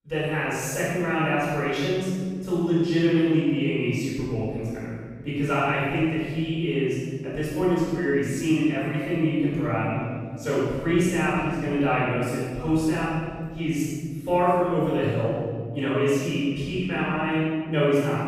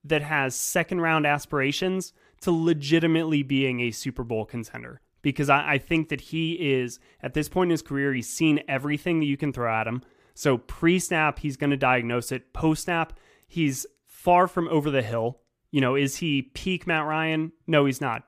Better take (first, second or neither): second